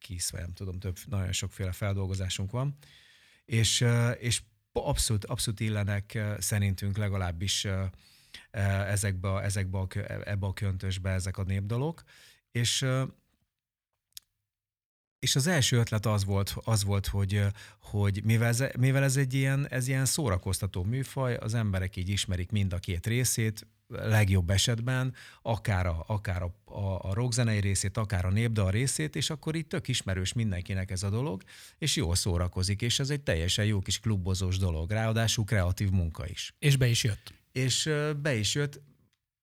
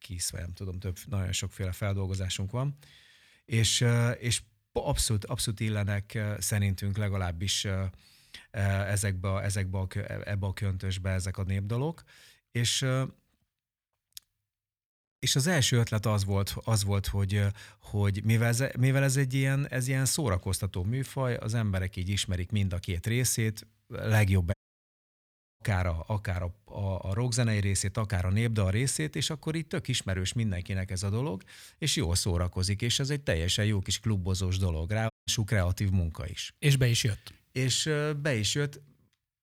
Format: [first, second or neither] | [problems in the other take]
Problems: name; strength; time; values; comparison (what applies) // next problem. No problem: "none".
first | audio cutting out; at 25 s for 1 s and at 35 s